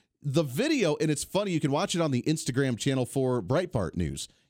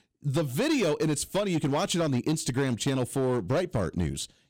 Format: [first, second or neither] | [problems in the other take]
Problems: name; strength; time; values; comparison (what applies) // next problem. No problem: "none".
first | distortion; slight; 10% of the sound clipped